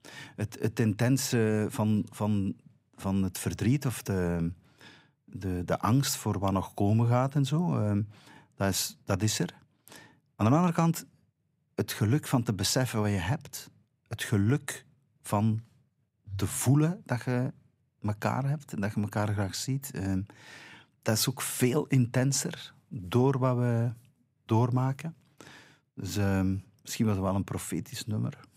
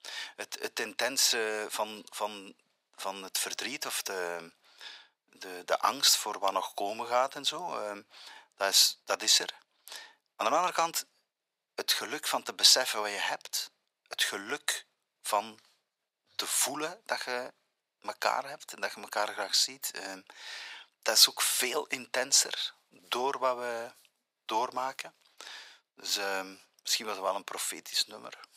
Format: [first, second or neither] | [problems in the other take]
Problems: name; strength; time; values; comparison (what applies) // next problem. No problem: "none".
first | thin; very; fading below 600 Hz